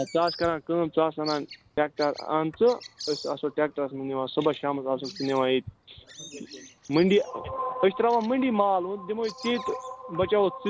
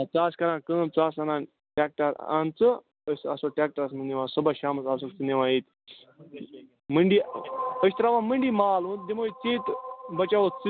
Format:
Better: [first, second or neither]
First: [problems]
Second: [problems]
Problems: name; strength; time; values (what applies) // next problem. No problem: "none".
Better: second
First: background sound (Bird vocalization, bird call, bird song); 19 dB below the speech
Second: none